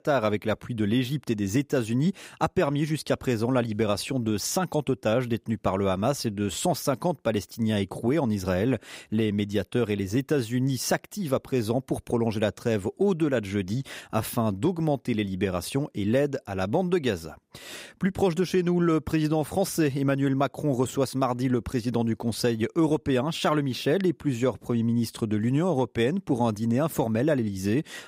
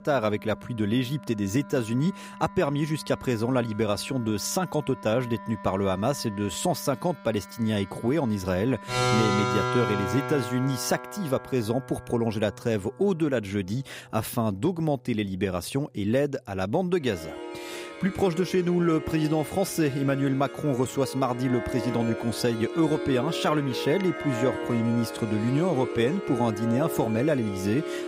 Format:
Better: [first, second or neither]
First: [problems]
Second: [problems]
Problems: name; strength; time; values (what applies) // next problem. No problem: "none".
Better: first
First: none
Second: background music; loud; throughout; 7 dB below the speech